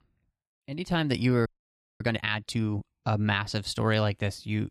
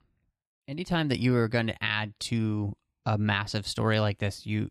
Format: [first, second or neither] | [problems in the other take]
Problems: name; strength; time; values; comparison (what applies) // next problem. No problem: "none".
second | audio freezing; at 1.5 s for 0.5 s